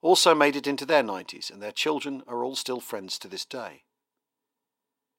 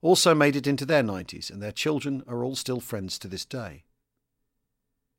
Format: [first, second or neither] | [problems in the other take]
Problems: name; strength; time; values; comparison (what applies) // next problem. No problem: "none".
second | thin; very slightly; fading below 350 Hz